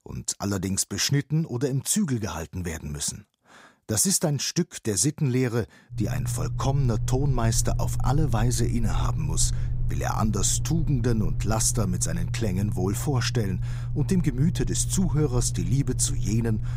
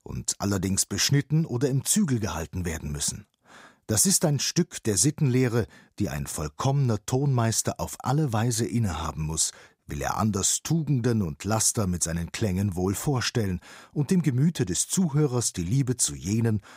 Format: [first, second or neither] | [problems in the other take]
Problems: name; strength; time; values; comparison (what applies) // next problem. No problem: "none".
second | low rumble; noticeable; from 6 s on; 15 dB below the speech